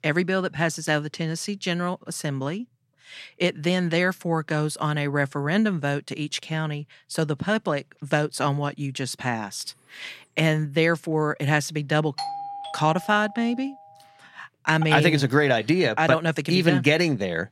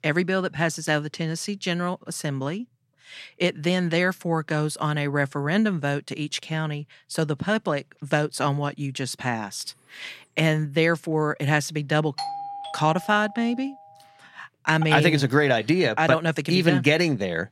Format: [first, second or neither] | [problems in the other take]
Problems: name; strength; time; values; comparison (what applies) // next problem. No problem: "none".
neither | doorbell; noticeable; from 12 to 14 s; peak 7 dB below the speech; the same in both